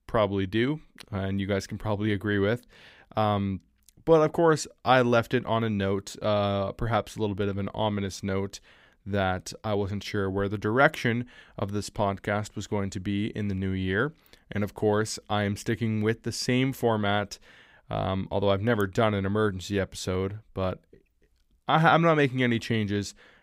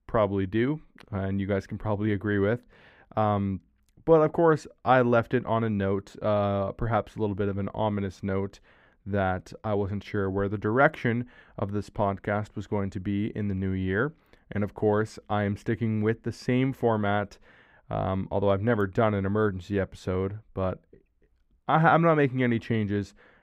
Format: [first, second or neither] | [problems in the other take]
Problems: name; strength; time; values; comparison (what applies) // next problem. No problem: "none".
first | muffled; slightly; fading above 3 kHz